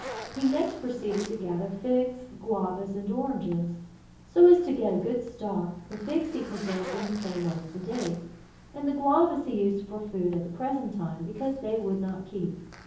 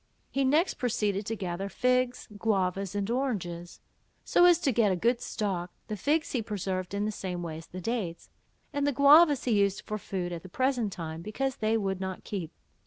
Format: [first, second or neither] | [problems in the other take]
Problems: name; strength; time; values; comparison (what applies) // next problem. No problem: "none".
second | background sound (Zipper (clothing)); 17 dB below the speech // room echo; dies away in 0.7 s